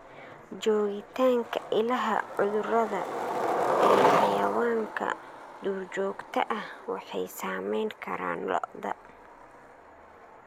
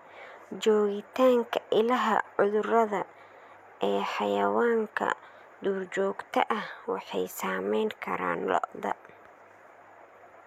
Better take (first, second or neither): second